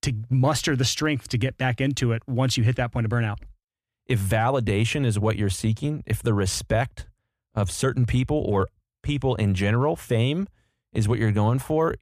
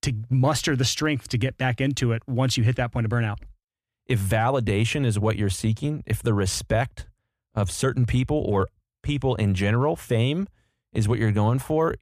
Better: neither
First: none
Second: none

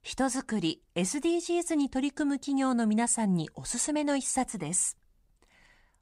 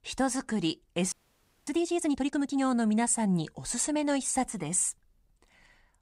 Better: first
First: none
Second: audio freezing; at 1 s for 0.5 s

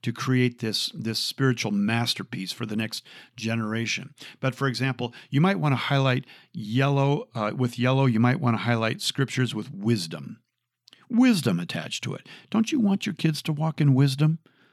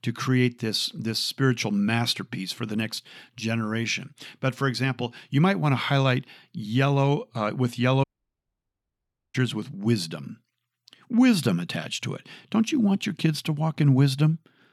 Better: first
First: none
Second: audio cutting out; at 8 s for 1.5 s

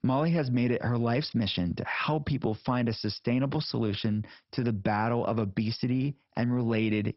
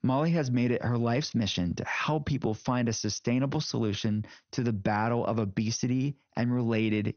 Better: second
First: garbled, watery; badly; nothing above 5.5 kHz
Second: garbled, watery; slightly; nothing above 6.5 kHz

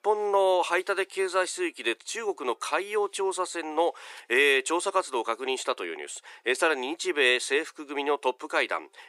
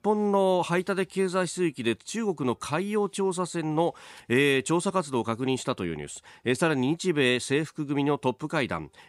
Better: second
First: thin; very; fading below 400 Hz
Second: none

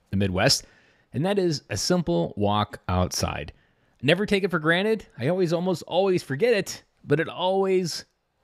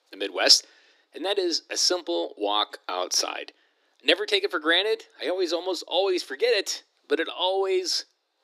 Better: first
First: none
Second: thin; very; fading below 300 Hz

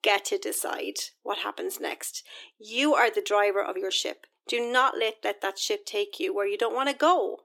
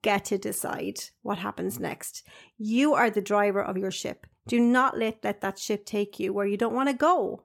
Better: second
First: thin; somewhat; fading below 300 Hz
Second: none

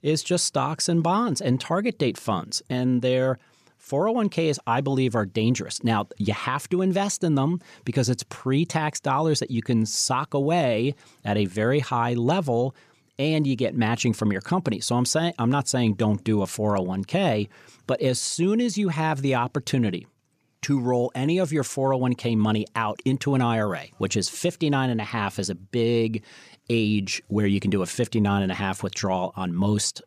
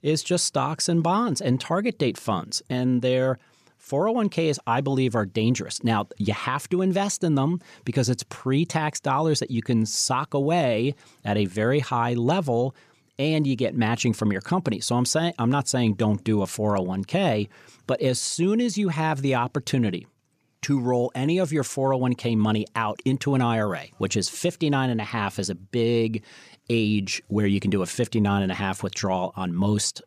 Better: neither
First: none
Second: none

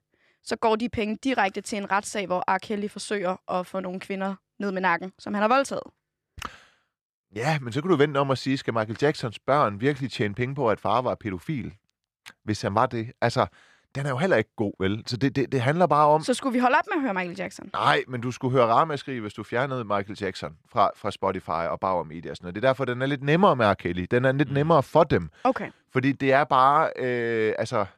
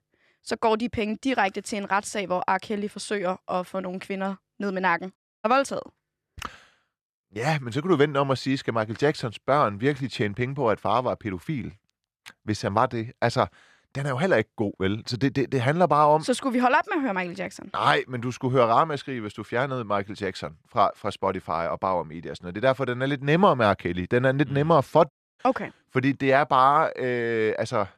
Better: first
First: none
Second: audio cutting out; at 5 s and at 25 s

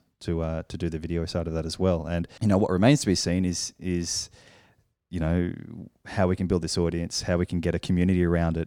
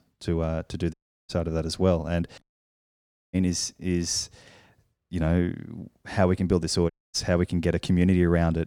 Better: first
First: none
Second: audio cutting out; at 1 s, at 2.5 s for 1 s and at 7 s

